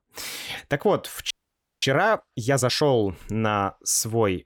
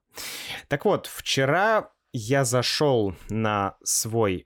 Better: second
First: audio freezing; at 1.5 s for 0.5 s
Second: none

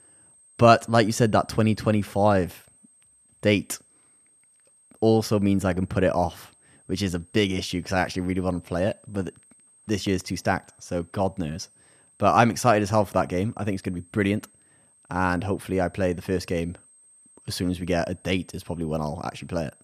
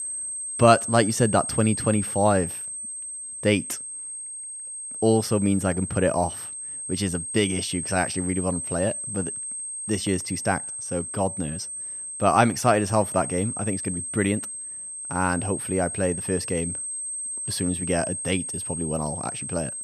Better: first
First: high-pitched whine; faint; throughout; 8.5 kHz, 30 dB below the speech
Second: high-pitched whine; loud; throughout; 8.5 kHz, 5 dB below the speech

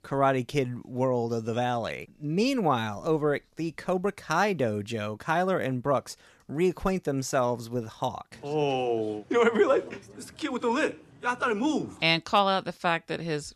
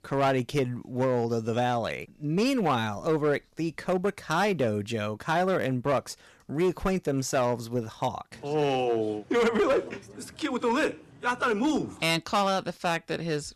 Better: first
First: none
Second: distortion; slight; 6% of the sound clipped

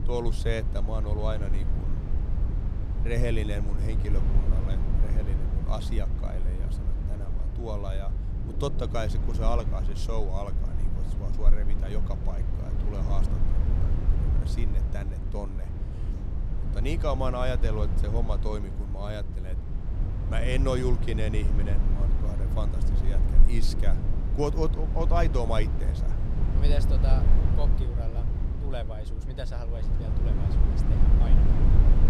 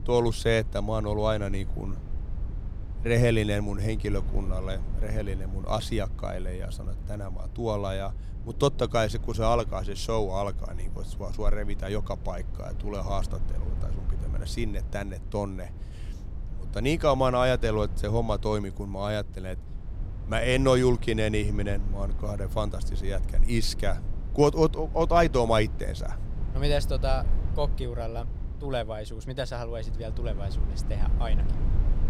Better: second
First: low rumble; loud; throughout; 7 dB below the speech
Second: low rumble; faint; throughout; 20 dB below the speech

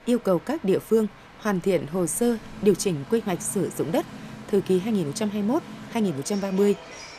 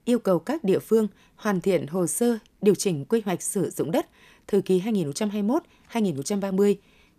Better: second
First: train or aircraft noise; noticeable; throughout; 15 dB below the speech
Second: none

